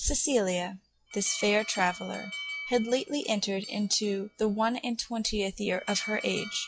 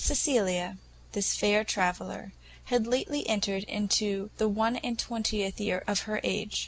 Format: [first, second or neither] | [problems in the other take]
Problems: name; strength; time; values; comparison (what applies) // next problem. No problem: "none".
second | noise reduction (classical method log-MMSE)